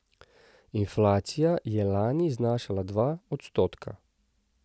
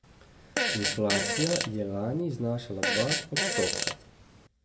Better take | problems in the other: first | background sound (Fart); 1 dB above the speech // room echo; dies away in 0.5 s

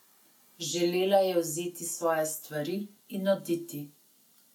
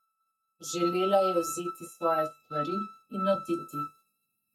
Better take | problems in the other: first | noise reduction (neural mask model RNNoise)

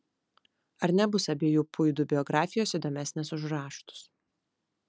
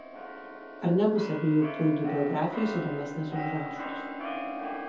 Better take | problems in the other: first | background sound (Keyboard (musical)); 8 dB below the speech // room echo; dies away in 0.5 s

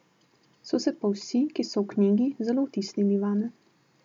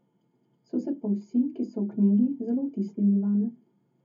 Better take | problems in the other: first | room echo; dies away in 0.3 s

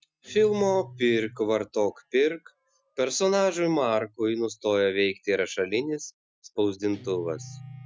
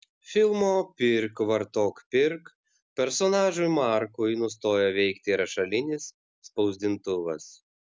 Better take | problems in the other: second | noise reduction (classical method Wiener filter)

